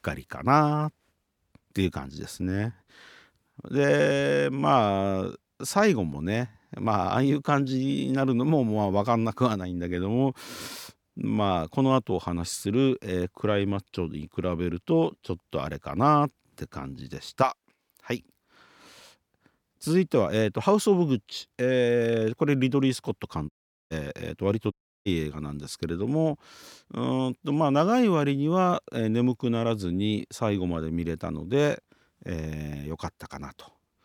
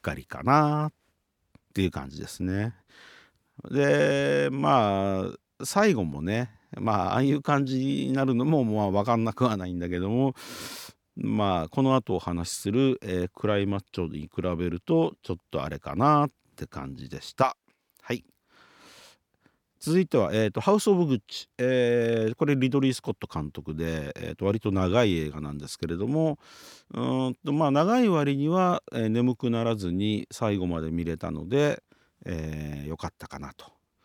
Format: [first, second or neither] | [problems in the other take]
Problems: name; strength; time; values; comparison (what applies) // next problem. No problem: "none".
second | audio cutting out; at 24 s and at 25 s